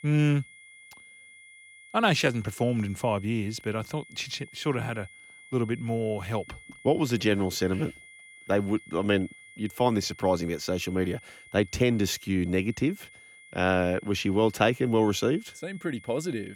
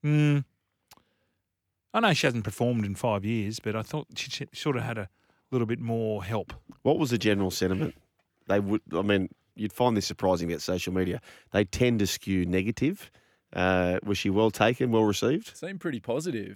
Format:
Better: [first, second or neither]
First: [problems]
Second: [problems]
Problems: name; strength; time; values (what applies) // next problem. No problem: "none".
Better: second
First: high-pitched whine; faint; throughout; 2 kHz, 20 dB below the speech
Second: none